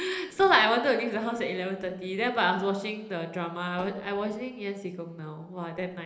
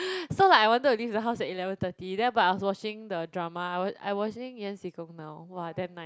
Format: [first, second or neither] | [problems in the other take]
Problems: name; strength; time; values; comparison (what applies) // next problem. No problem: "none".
second | noise reduction (neural separator model SepFormer DNS4)